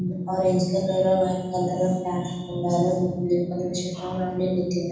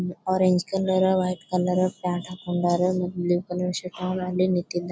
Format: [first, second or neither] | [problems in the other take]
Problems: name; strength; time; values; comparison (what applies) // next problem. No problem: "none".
second | room echo; dies away in 1.2 s